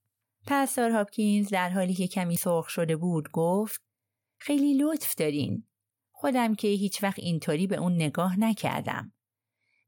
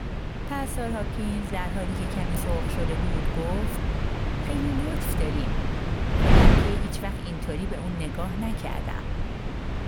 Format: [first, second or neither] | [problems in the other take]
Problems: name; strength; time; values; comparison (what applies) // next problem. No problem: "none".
first | wind noise on the microphone; heavy; 3 dB above the speech